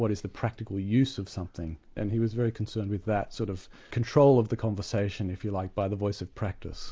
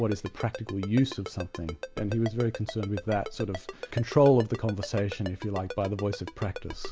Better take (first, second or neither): first